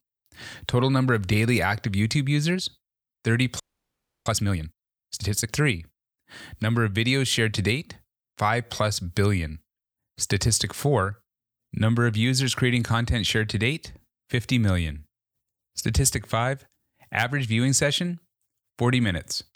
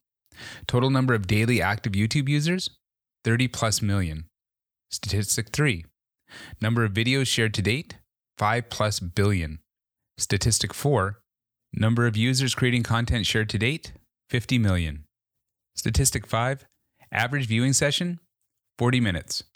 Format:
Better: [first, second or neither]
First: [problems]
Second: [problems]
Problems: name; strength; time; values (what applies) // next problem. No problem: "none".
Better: second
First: audio freezing; at 3.5 s for 0.5 s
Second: none